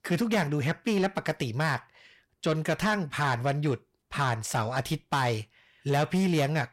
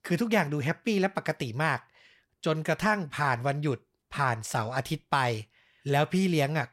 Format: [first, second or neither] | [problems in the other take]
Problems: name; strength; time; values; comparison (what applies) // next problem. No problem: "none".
second | distortion; slight; 10 dB below the speech